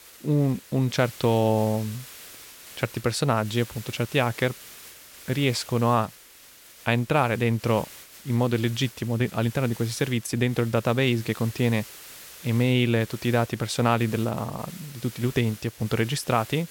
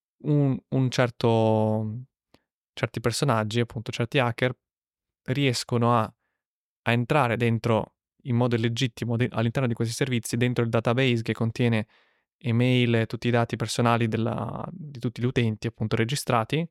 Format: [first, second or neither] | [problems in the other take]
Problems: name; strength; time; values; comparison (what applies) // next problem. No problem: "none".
second | hiss; noticeable; throughout; 15 dB below the speech